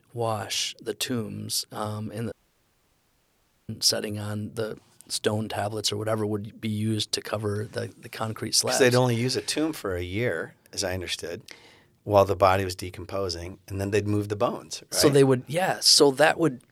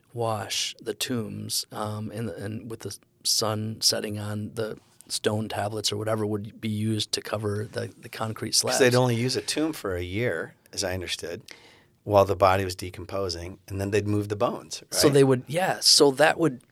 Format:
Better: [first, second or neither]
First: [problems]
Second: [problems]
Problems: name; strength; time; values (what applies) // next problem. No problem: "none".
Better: second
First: audio cutting out; at 2.5 s for 1.5 s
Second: none